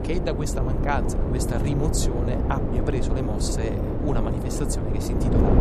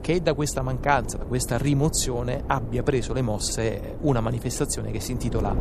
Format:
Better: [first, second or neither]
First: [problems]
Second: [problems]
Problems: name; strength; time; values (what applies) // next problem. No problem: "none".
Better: second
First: wind noise on the microphone; heavy; as loud as the speech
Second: wind noise on the microphone; occasional gusts; 15 dB below the speech